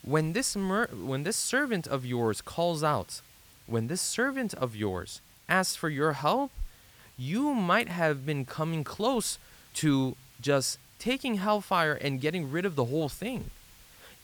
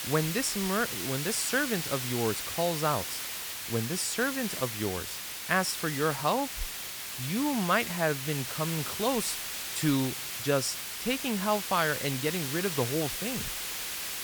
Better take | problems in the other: first | hiss; loud; throughout; 3 dB below the speech; faint in the first

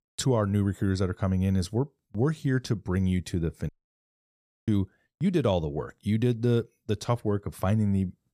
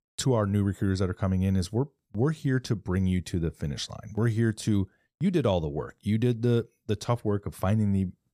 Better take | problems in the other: second | audio cutting out; at 3.5 s for 1 s

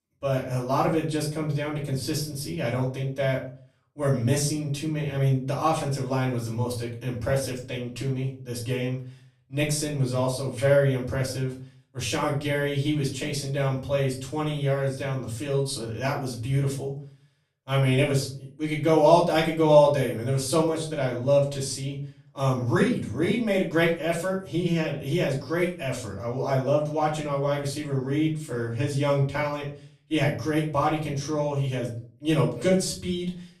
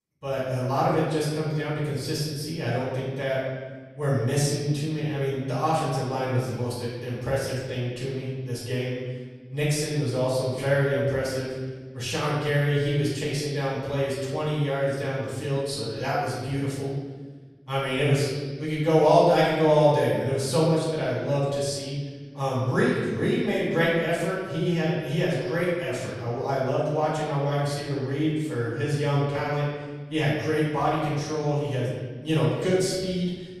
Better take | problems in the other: first | room echo; strong; dies away in 1.4 s; slight in the first // off-mic speech; far; far in the first

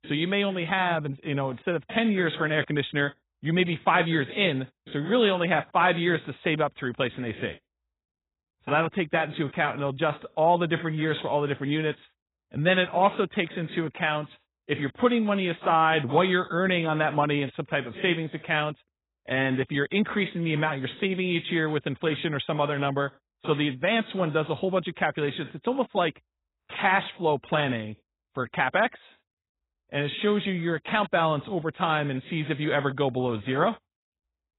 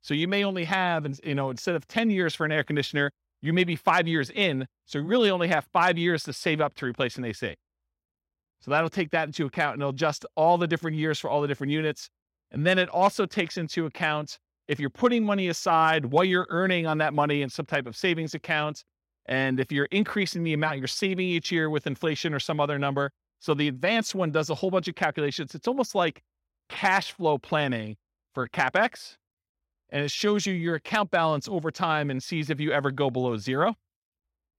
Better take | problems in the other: second | garbled, watery; badly; nothing above 4 kHz

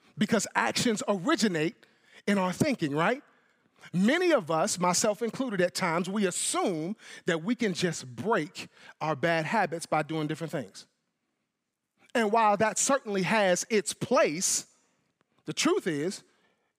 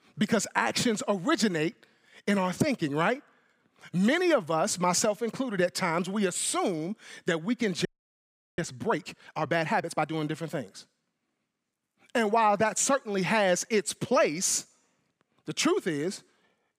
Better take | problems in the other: first | audio freezing; at 8 s for 0.5 s

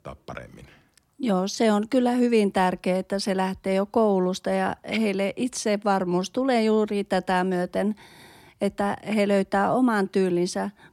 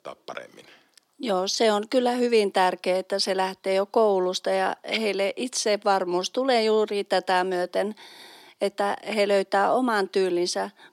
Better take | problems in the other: first | thin; somewhat; fading below 400 Hz

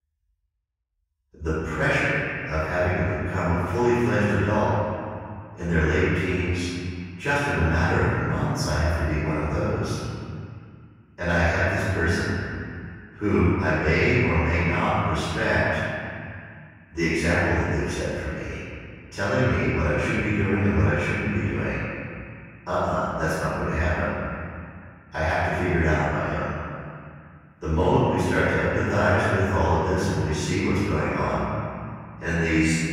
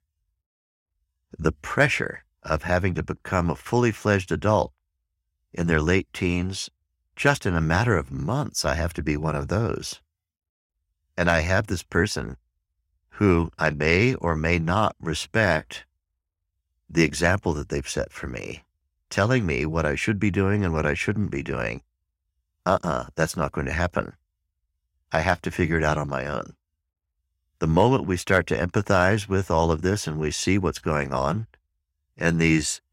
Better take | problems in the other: second | off-mic speech; far // room echo; strong; dies away in 2.4 s

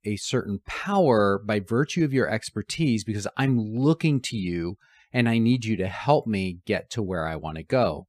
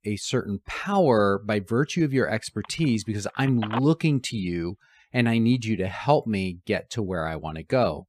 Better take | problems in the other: first | phone ringing; noticeable; from 2.5 to 5.5 s; peak 8 dB below the speech

